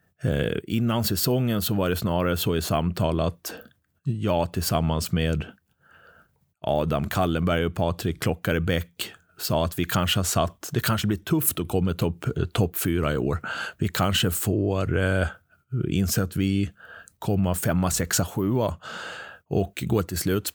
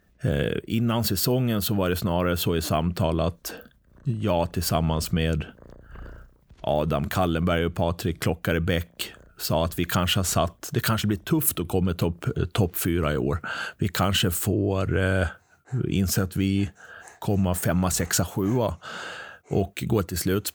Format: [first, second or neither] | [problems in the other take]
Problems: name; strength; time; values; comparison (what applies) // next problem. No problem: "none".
first | animal sounds; faint; throughout; 30 dB below the speech